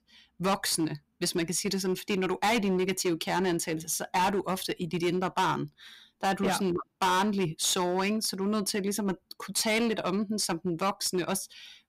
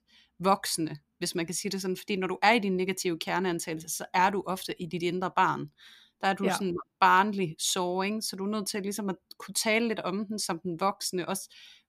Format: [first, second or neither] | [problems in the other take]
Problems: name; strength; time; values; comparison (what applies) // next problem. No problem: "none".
second | distortion; heavy; 10% of the sound clipped